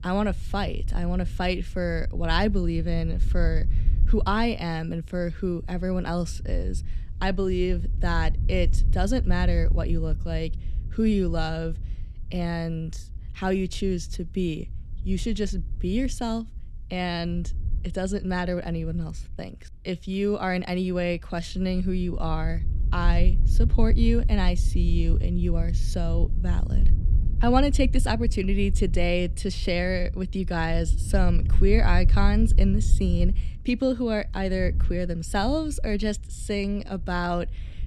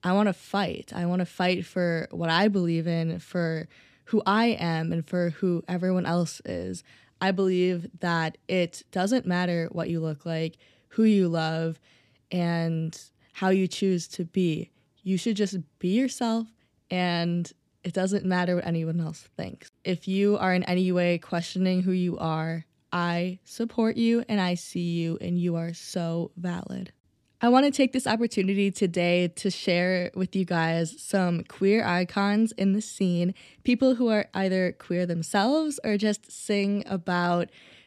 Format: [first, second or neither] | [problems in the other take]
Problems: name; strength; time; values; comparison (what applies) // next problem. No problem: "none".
second | wind noise on the microphone; occasional gusts; 15 dB below the speech